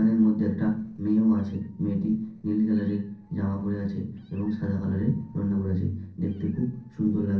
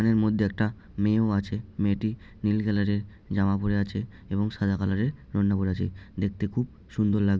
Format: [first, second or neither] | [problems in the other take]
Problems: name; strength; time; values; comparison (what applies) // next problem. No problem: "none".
second | noise reduction (neural separator model SepFormer DNS4)